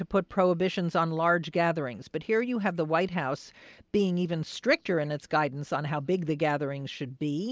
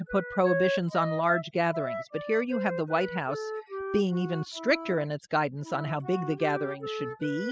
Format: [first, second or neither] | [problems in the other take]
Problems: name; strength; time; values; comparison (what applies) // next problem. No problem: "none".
first | noise reduction (classical method spectral subtraction)